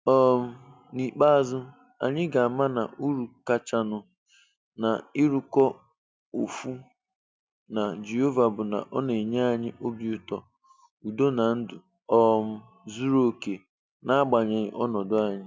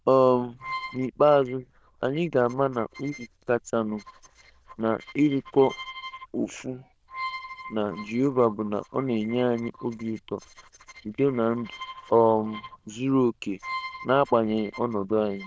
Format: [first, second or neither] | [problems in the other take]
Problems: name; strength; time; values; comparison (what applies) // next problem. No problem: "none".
first | noise reduction (neural diffusion model UNIVERSE++)